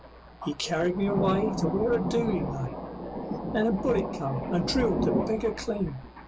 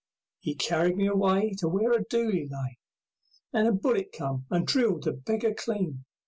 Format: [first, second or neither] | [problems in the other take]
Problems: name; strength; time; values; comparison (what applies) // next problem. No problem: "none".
second | background sound (Thunder); 3 dB below the speech